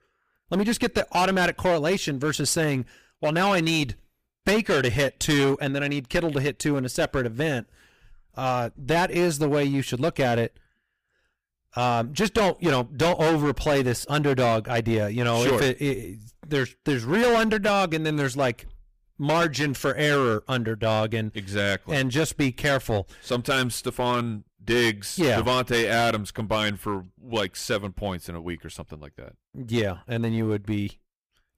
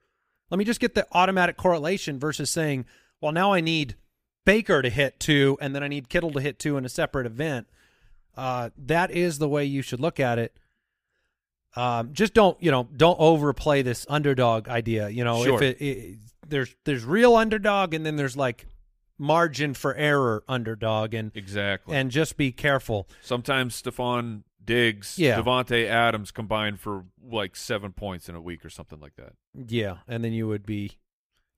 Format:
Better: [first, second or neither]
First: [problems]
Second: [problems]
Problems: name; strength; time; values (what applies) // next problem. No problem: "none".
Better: second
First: distortion; heavy; 11% of the sound clipped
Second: none